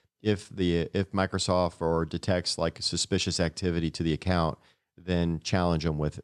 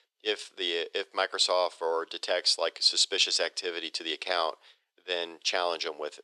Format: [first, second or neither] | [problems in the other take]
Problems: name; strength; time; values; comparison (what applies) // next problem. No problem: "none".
first | thin; very; fading below 400 Hz